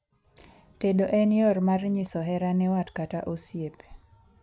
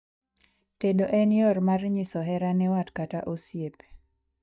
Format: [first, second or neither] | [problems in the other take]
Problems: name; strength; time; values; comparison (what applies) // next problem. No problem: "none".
first | noise reduction (neural mask model DeepFilterNet 3)